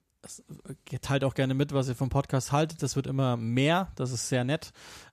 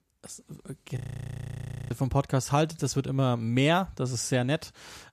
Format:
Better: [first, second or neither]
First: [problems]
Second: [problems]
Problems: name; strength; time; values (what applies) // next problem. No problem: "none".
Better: first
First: none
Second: audio freezing; at 1 s for 1 s